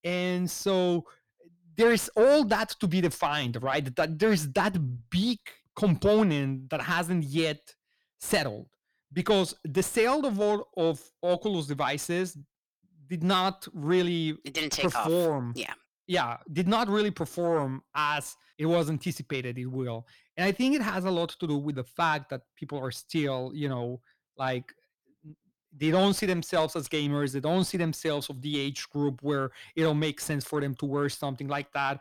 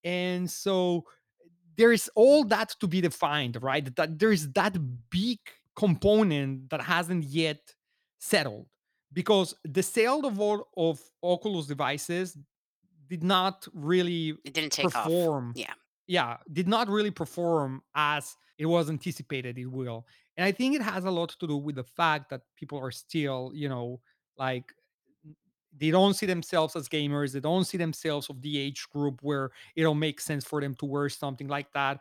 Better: second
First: distortion; slight; 10 dB below the speech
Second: none

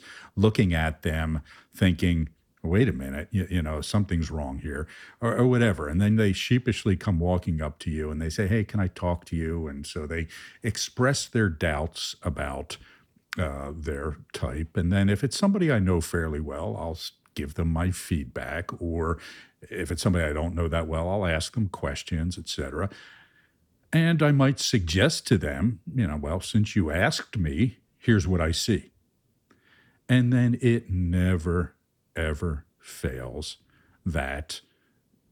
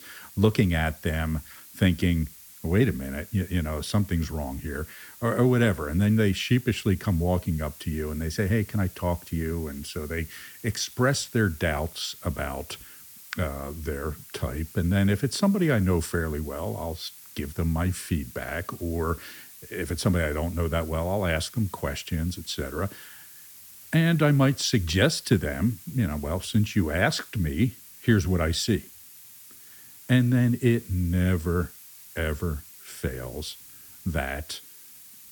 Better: first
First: none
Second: hiss; noticeable; throughout; 20 dB below the speech

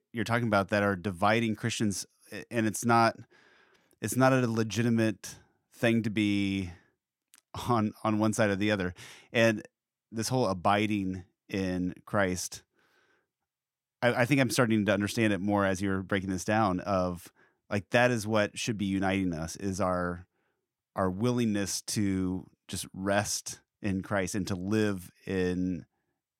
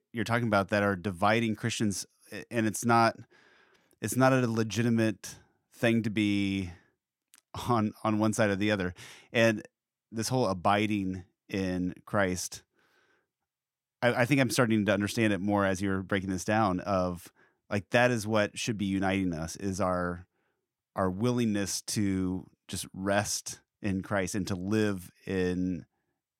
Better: neither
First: none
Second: none

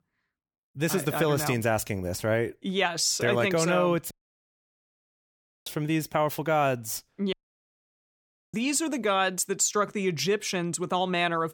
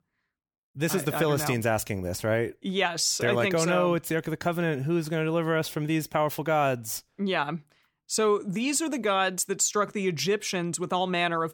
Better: second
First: audio cutting out; at 4 s for 1.5 s and at 7.5 s for 1 s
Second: none

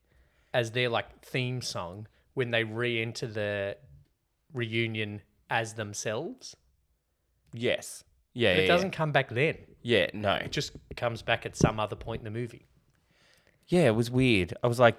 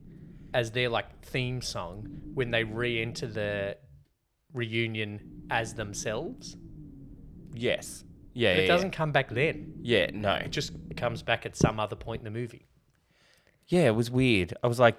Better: first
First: none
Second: low rumble; faint; until 3.5 s and from 5 to 11 s; 25 dB below the speech

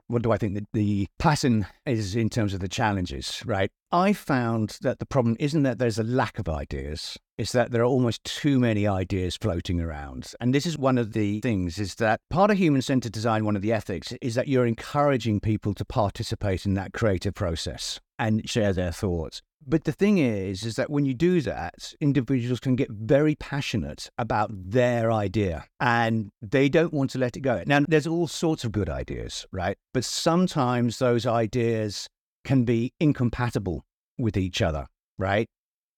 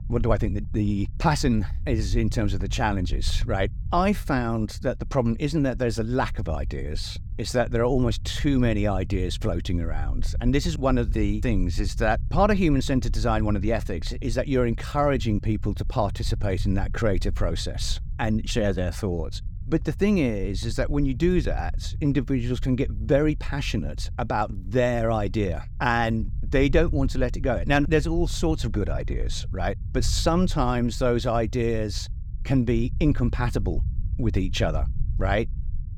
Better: first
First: none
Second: low rumble; faint; throughout; 25 dB below the speech

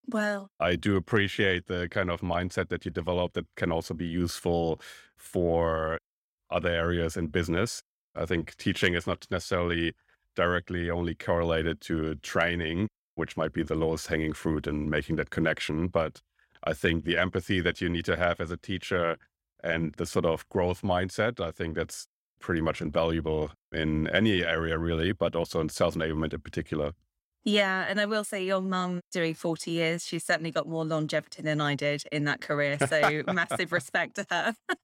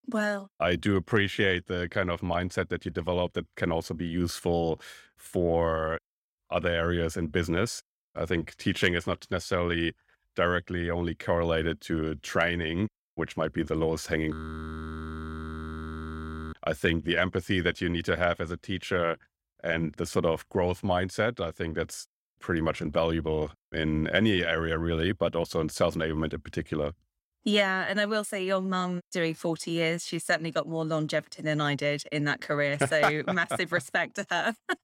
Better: first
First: none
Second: audio freezing; at 14 s for 2 s

